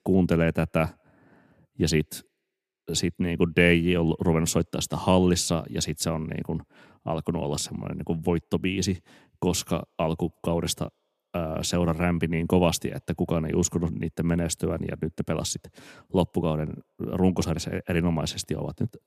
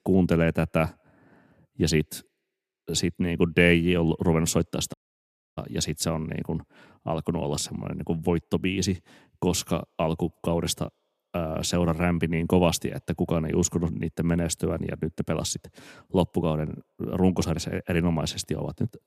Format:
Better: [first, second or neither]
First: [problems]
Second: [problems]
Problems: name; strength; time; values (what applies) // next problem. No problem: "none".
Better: first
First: none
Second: audio cutting out; at 5 s for 0.5 s